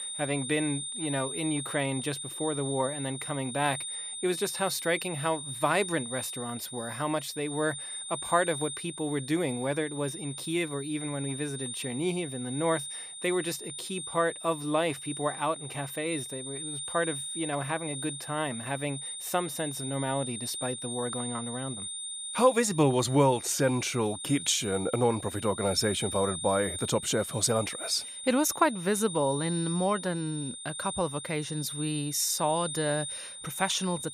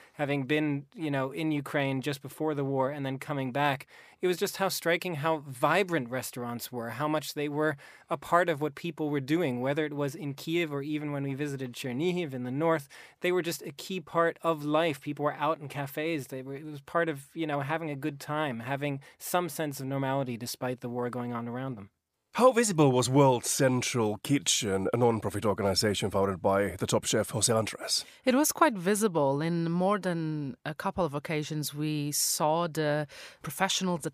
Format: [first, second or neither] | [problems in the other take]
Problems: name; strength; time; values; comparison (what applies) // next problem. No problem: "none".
second | high-pitched whine; loud; throughout; 9 kHz, 6 dB below the speech